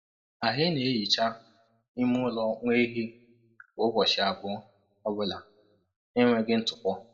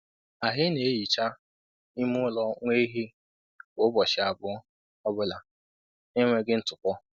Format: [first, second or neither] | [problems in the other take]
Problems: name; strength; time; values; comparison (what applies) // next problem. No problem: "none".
second | room echo; dies away in 0.3 s